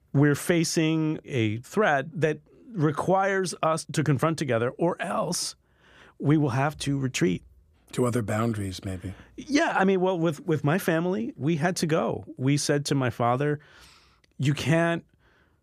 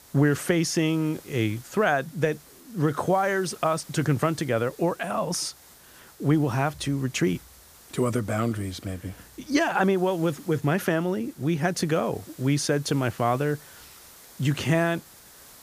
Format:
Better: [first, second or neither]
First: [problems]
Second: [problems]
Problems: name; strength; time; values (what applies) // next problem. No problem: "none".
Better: first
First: none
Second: hiss; faint; throughout; 20 dB below the speech